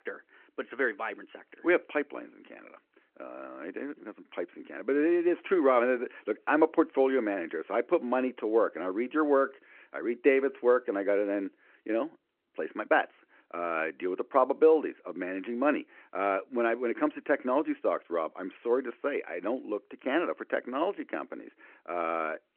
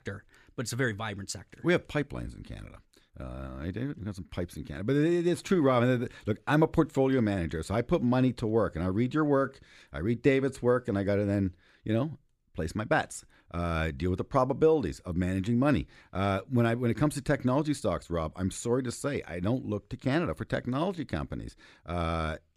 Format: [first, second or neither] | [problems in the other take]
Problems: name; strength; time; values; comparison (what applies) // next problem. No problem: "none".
second | phone-call audio